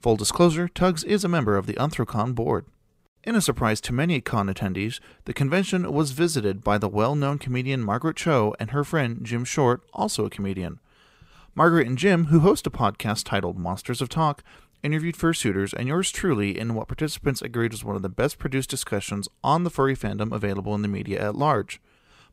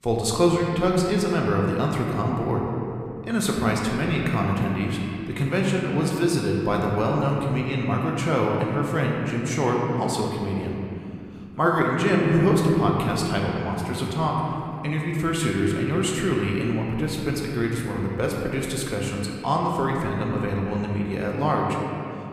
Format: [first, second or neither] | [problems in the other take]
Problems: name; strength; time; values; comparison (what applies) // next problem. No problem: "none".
first | room echo; noticeable; dies away in 2.6 s // off-mic speech; somewhat distant